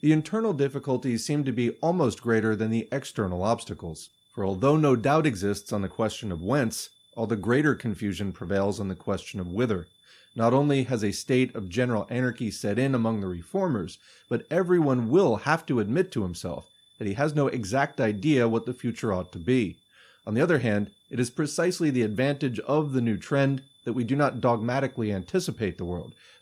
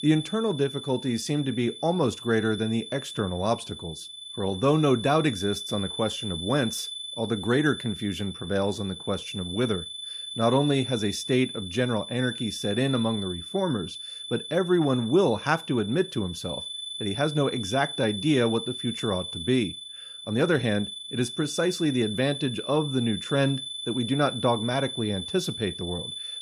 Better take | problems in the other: first | high-pitched whine; loud; throughout; 3.5 kHz, 8 dB below the speech; faint in the first

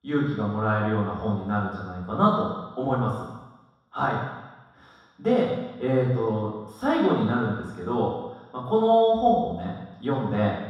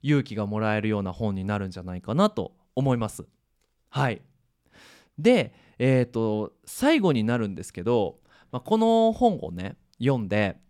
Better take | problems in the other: second | room echo; strong; dies away in 1.2 s // off-mic speech; far

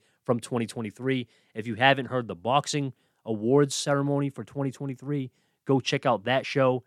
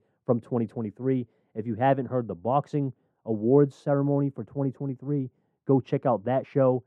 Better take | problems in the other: first | muffled; very; fading above 2 kHz

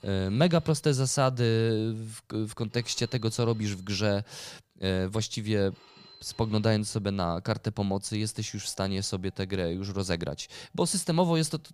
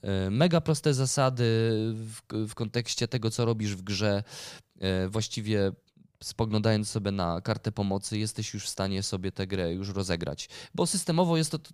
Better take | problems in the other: second | alarms or sirens; faint; throughout; 25 dB below the speech

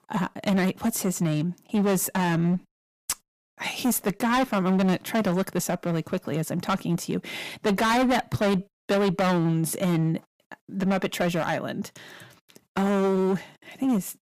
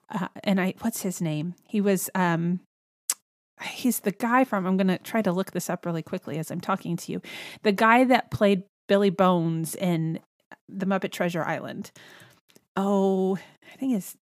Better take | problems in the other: second | distortion; heavy; 15% of the sound clipped

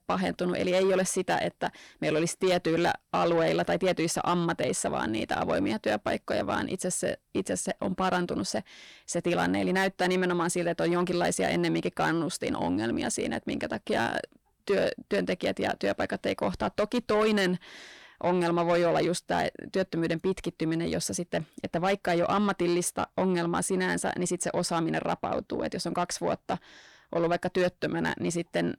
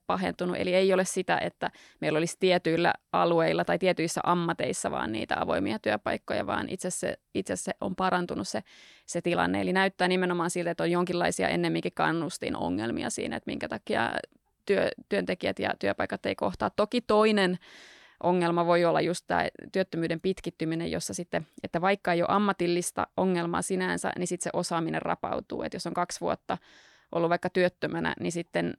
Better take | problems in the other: second | distortion; slight; 10 dB below the speech

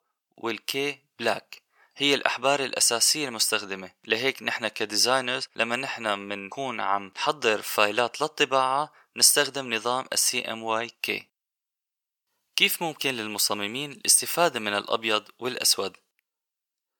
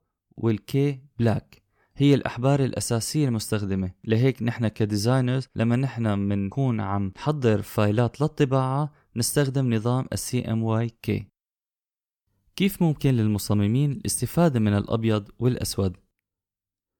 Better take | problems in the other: second | thin; very; fading below 750 Hz

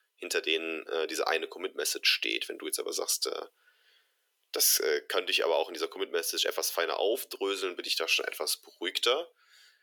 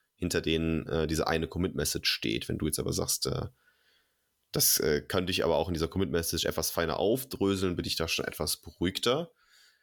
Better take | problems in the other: second | thin; very; fading below 350 Hz

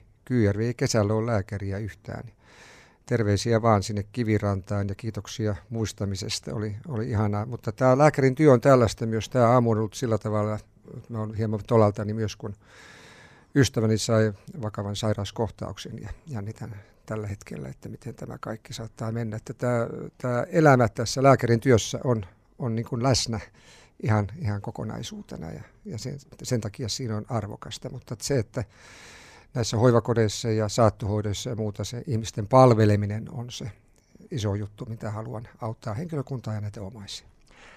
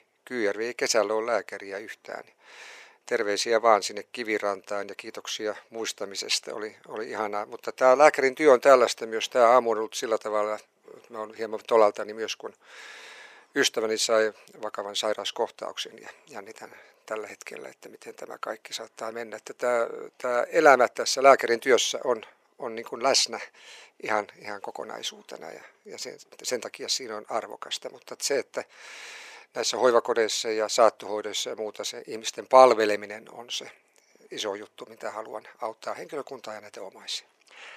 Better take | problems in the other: first | thin; very; fading below 450 Hz

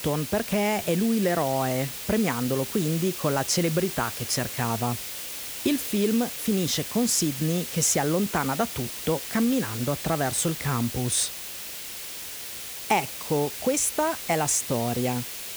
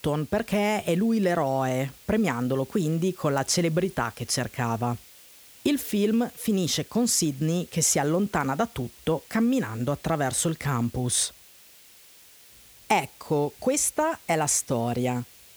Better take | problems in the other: second | hiss; loud; throughout; 7 dB below the speech; faint in the second

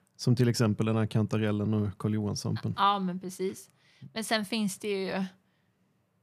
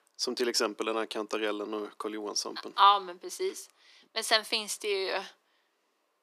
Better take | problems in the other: first | thin; very; fading below 300 Hz

